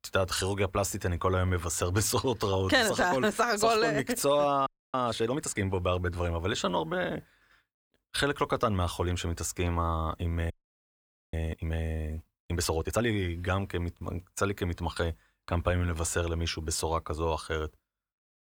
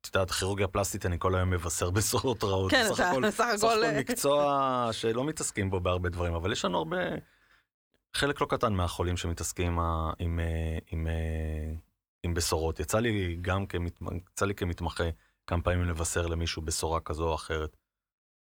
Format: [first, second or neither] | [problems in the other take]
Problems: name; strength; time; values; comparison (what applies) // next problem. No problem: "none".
second | audio freezing; at 4.5 s and at 11 s for 1 s